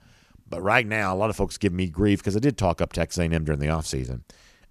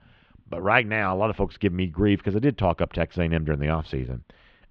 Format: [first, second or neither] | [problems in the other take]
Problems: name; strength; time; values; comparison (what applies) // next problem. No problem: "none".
first | muffled; very; fading above 3.5 kHz